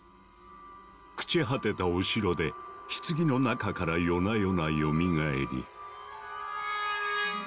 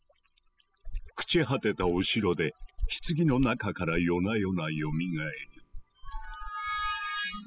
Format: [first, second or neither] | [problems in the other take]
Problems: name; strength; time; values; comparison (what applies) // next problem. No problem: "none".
first | noise reduction (classical method spectral subtraction)